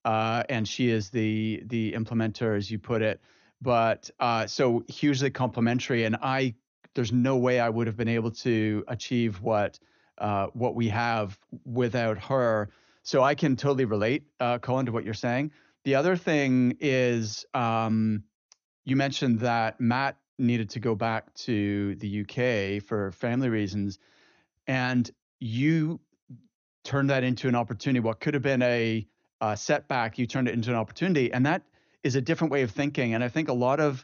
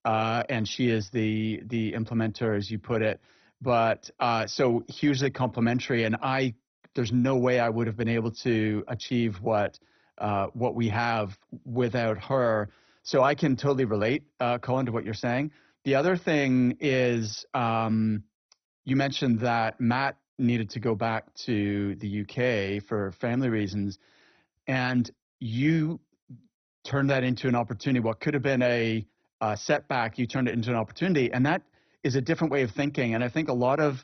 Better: first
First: garbled, watery; slightly; nothing above 6.5 kHz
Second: garbled, watery; badly; nothing above 6 kHz

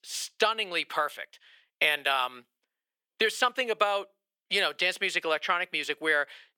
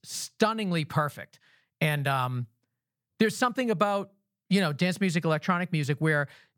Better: second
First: thin; very; fading below 350 Hz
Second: none

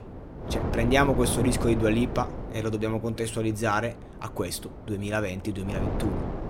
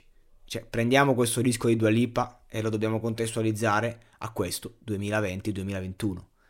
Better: second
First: wind noise on the microphone; heavy; 8 dB below the speech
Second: none

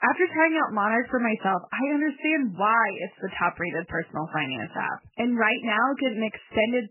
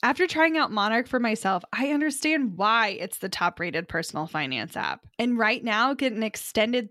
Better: second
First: garbled, watery; badly; nothing above 3 kHz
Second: none

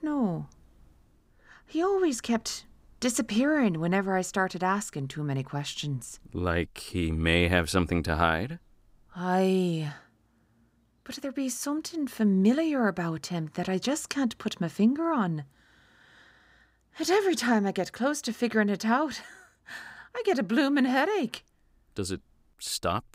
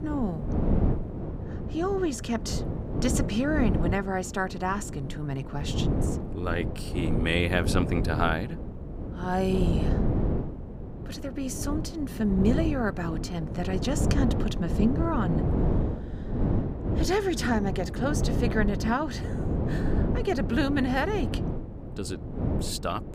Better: first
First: none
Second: wind noise on the microphone; heavy; 6 dB below the speech

